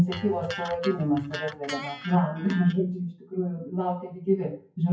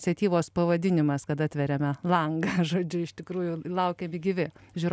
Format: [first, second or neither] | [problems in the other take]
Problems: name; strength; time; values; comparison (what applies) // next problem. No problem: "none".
second | noise reduction (classical method WPE with log-MMSE)